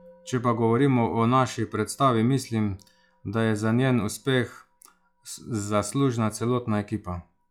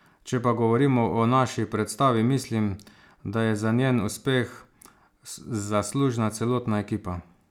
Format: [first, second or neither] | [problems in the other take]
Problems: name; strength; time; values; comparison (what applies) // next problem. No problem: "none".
second | noise reduction (classical method log-MMSE)